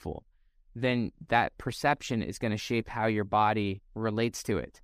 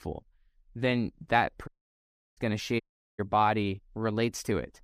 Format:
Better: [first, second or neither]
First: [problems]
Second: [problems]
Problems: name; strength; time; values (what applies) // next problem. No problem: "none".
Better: first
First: none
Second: audio cutting out; at 1.5 s for 0.5 s and at 3 s